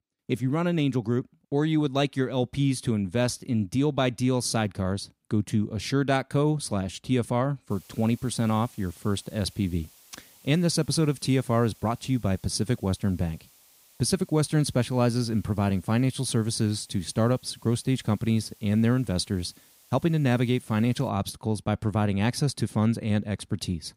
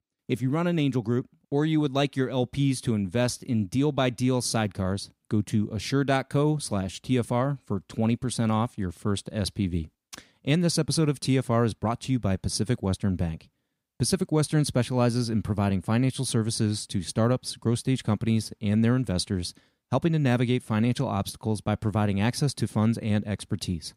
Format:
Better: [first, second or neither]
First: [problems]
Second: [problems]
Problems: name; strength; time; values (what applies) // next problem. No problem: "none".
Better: second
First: hiss; faint; from 7.5 to 21 s; 25 dB below the speech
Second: none